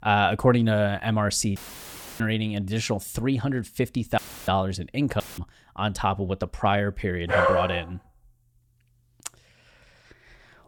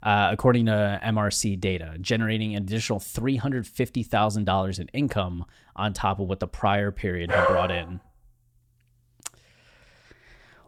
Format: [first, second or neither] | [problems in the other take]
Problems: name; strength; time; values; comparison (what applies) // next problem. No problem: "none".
second | audio cutting out; filled with static; at 1.5 s for 0.5 s, at 4 s and at 5 s